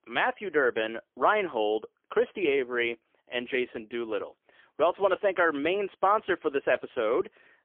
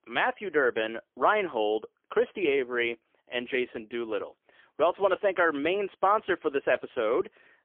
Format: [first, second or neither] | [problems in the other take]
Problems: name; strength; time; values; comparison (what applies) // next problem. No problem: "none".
neither | phone-call audio; poor line; nothing above 3.5 kHz; the same in both